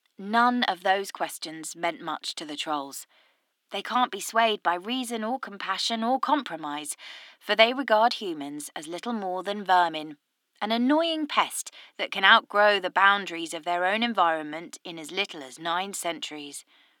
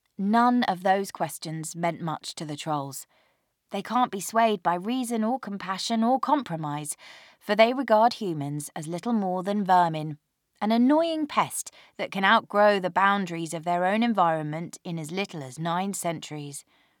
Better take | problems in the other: second | thin; very slightly; fading below 250 Hz

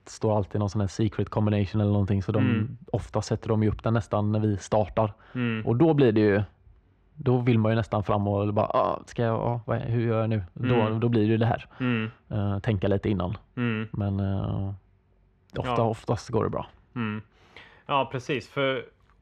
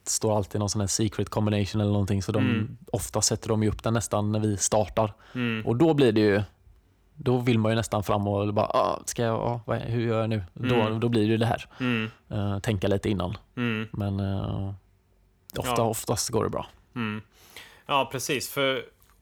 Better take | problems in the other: second | muffled; very; fading above 2.5 kHz

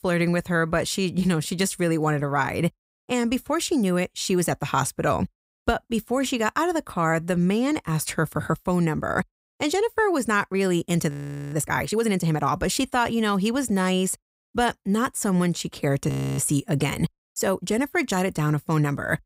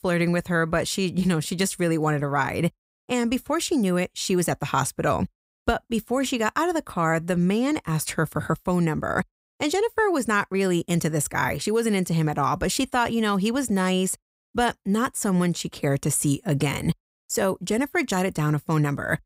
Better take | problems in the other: second | audio freezing; at 11 s and at 16 s

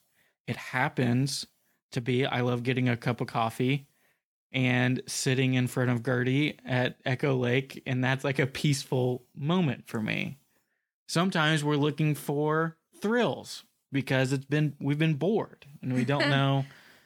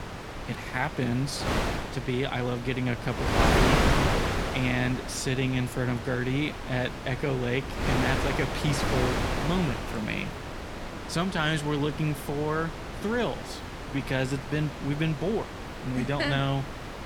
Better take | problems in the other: first | wind noise on the microphone; heavy; 1 dB below the speech

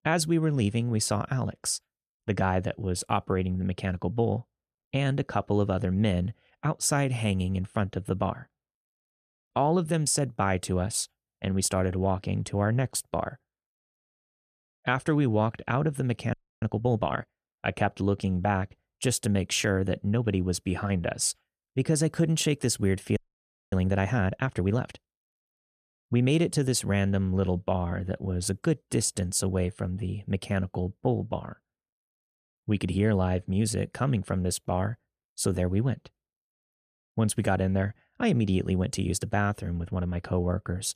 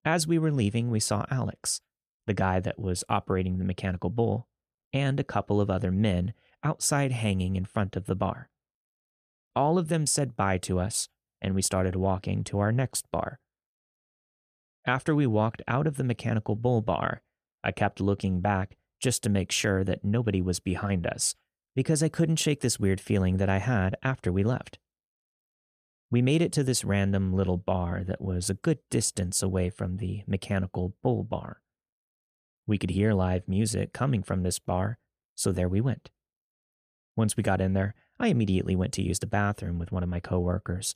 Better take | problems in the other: second | audio freezing; at 16 s and at 23 s for 0.5 s

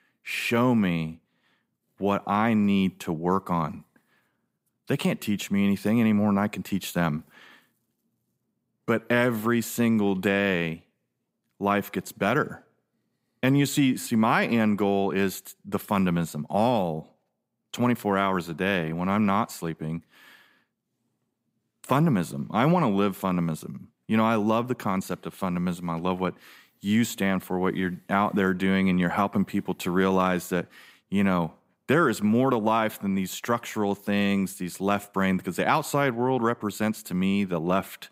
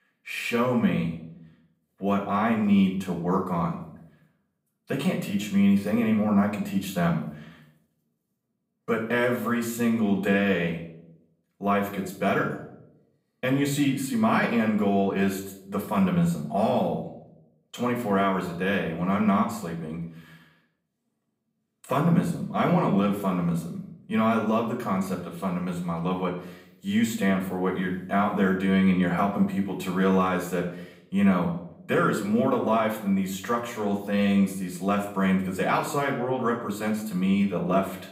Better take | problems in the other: first | room echo; slight; dies away in 0.5 s // off-mic speech; far

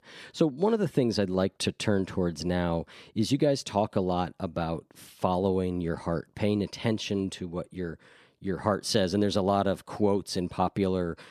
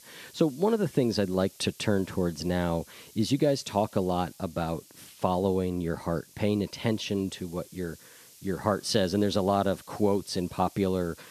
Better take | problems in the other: first | hiss; faint; throughout; 20 dB below the speech

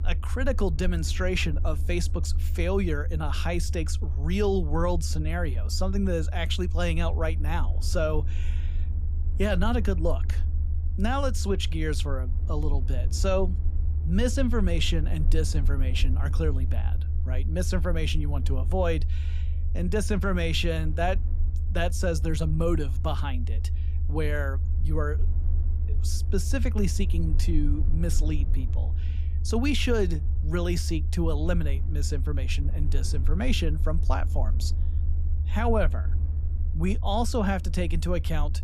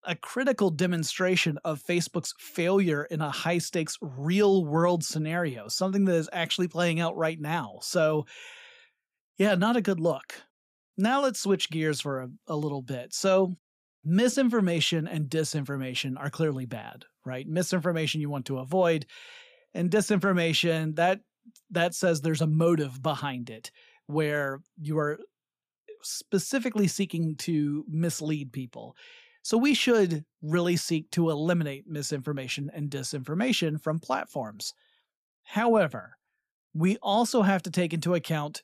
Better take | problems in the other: second | low rumble; noticeable; throughout; 15 dB below the speech

